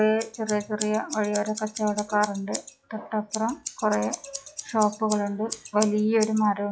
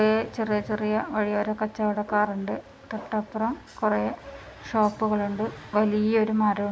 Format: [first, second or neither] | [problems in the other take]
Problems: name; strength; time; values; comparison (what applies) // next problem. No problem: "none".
second | noise reduction (classical method log-MMSE)